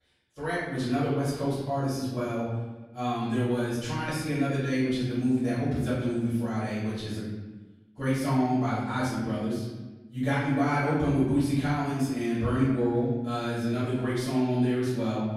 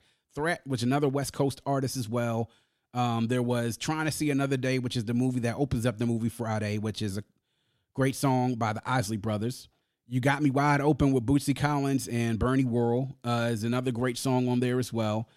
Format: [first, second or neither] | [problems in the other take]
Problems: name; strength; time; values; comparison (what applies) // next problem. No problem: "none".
second | off-mic speech; far // room echo; strong; dies away in 1.1 s